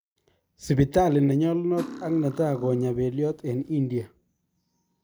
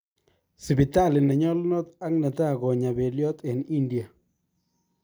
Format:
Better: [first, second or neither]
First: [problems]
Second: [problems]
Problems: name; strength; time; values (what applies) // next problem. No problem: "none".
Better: second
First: background sound (Cutlery, silverware); 15 dB below the speech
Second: none